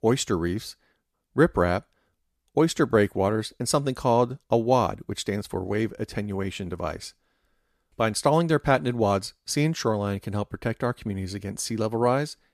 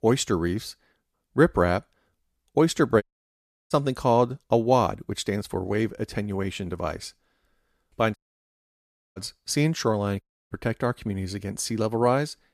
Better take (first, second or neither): first